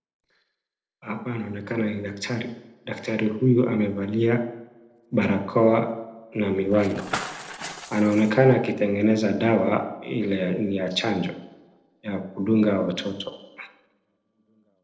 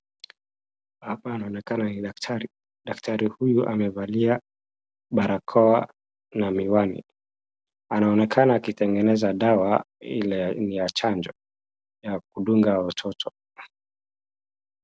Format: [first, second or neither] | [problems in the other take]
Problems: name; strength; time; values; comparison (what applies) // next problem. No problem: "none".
second | noise reduction (neural separator model SepFormer DNS4)